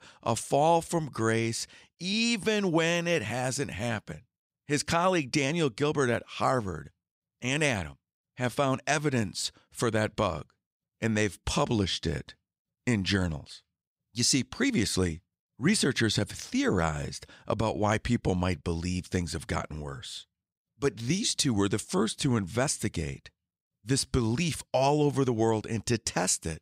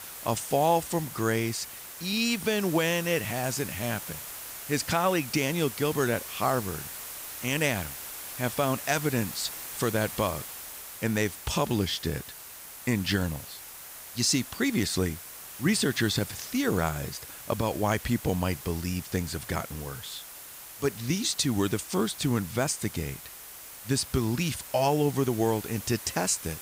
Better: first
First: none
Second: hiss; noticeable; throughout; 10 dB below the speech

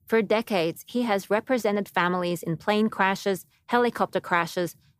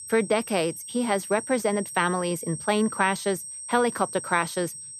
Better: first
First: none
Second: high-pitched whine; loud; throughout; 8.5 kHz, 9 dB below the speech

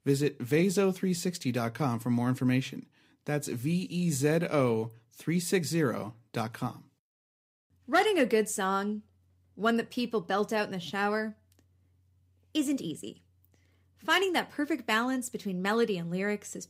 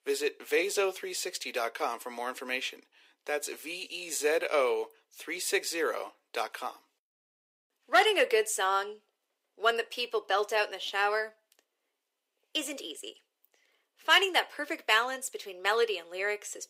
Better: first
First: none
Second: thin; very; fading below 400 Hz

